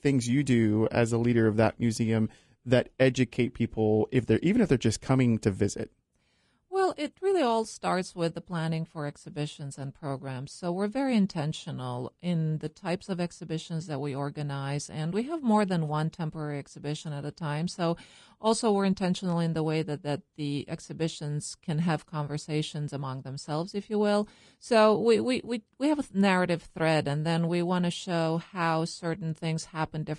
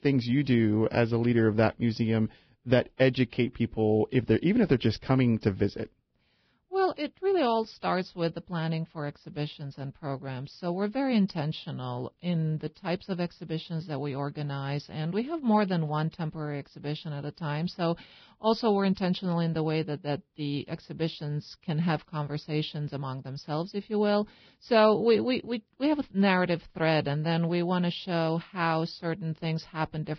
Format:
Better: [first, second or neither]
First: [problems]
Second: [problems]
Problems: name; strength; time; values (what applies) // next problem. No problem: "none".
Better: first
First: garbled, watery; slightly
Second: garbled, watery; badly; nothing above 5.5 kHz